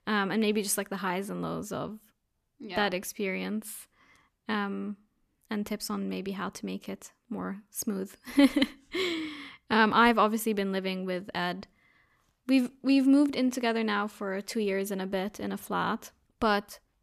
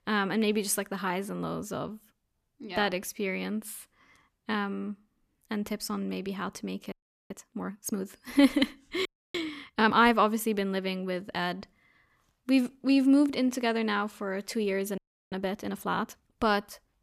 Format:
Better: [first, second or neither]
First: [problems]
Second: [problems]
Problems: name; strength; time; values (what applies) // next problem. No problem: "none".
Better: first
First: none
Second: audio freezing; at 7 s, at 9 s and at 15 s